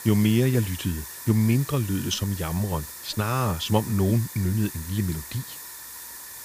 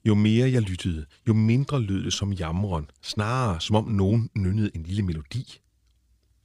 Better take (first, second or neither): second